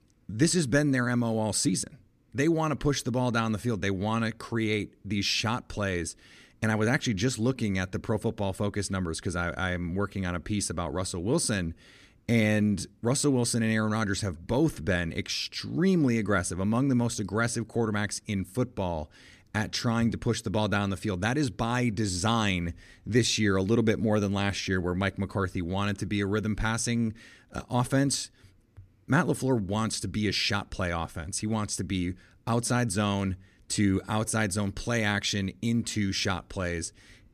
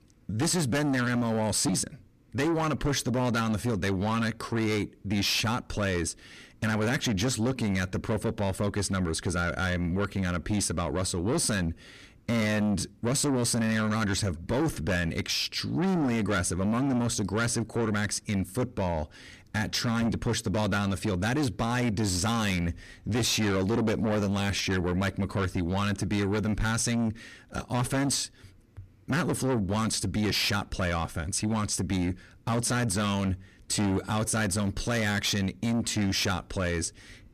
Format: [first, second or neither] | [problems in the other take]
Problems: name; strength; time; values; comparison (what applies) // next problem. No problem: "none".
first | distortion; heavy; 7 dB below the speech